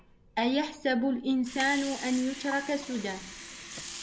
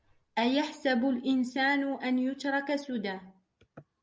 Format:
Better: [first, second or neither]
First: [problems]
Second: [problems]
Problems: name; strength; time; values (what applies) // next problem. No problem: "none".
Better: second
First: background sound (Water); 13 dB below the speech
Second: none